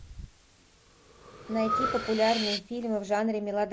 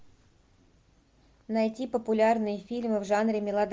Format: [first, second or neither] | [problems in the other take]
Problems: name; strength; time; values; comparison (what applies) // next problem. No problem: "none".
second | background sound (Breathing); 6 dB below the speech